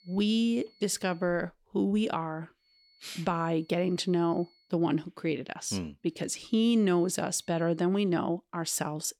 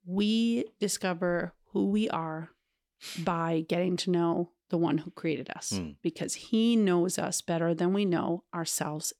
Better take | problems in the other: second | high-pitched whine; faint; until 1.5 s, from 2.5 to 4.5 s and from 6 to 7.5 s; 4.5 kHz, 30 dB below the speech

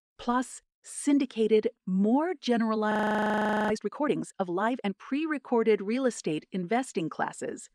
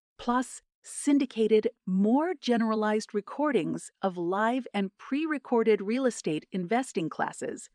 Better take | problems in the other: second | audio freezing; at 3 s for 1 s

